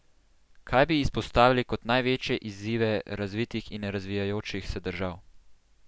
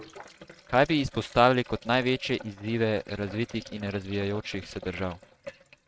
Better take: first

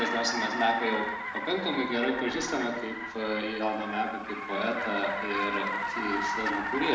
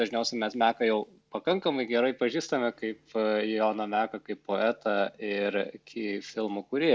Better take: second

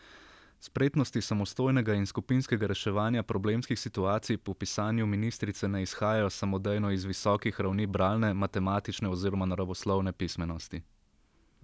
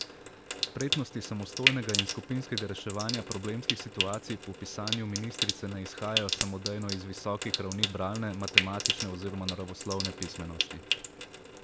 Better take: first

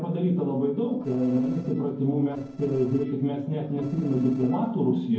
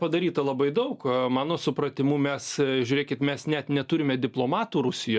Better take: second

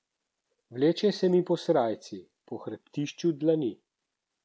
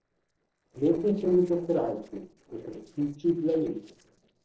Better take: first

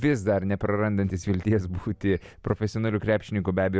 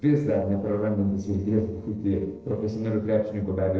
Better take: first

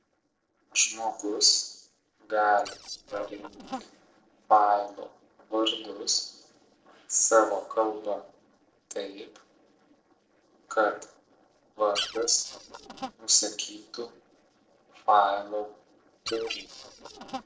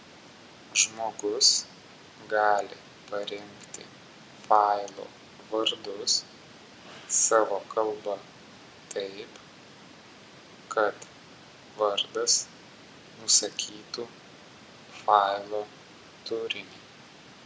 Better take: second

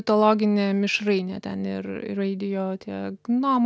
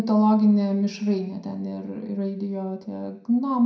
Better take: first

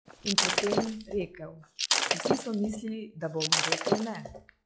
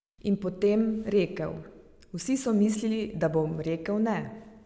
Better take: second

